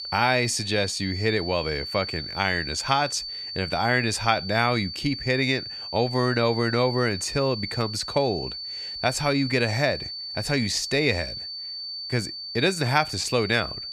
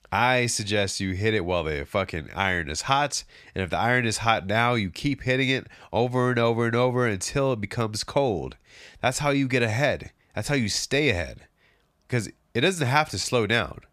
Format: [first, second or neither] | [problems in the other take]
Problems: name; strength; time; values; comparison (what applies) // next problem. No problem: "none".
second | high-pitched whine; loud; throughout; 4.5 kHz, 7 dB below the speech